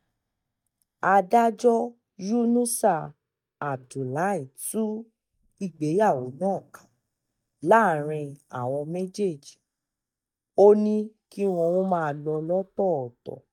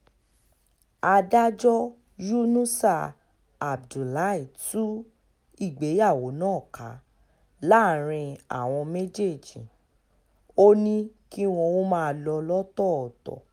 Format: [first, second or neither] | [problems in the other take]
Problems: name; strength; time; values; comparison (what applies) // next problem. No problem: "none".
second | noise reduction (neural mask model DeepFilterNet 3)